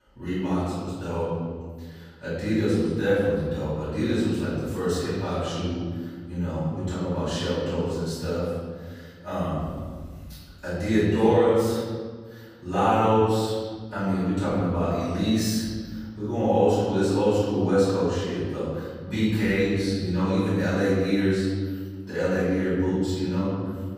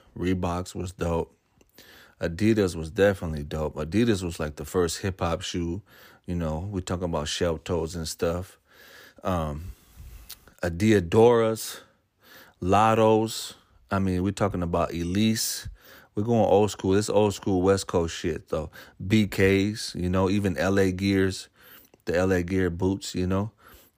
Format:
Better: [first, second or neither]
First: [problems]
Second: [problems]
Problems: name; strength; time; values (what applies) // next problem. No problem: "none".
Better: second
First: off-mic speech; far // room echo; strong; dies away in 1.8 s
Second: none